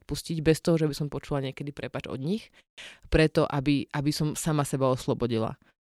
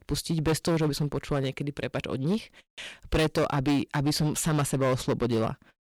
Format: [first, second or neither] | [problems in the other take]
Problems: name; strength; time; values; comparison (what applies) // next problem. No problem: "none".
first | distortion; heavy; 10% of the sound clipped